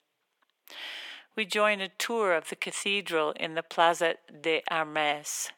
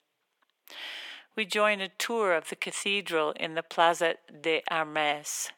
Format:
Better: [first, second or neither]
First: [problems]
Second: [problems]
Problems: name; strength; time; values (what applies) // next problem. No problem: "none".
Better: neither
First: thin; very; fading below 700 Hz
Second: thin; very; fading below 700 Hz